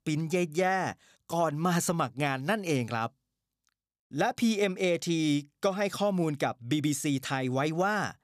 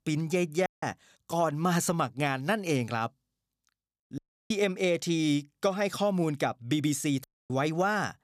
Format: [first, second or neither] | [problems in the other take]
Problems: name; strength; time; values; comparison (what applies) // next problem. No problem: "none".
first | audio cutting out; at 0.5 s, at 4 s and at 7 s